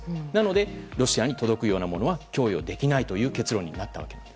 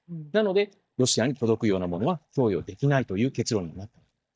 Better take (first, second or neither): first